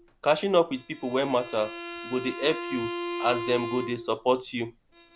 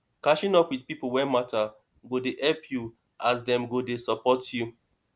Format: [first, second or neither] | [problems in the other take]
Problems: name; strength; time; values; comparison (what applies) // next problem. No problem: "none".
second | background sound (Bowed string instrument); 9 dB below the speech